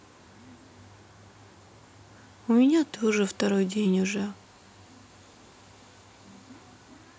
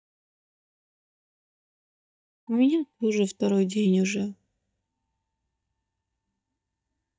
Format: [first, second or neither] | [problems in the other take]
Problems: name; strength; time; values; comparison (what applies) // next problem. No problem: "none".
first | noise reduction (neural mask model DeepFilterNet 3)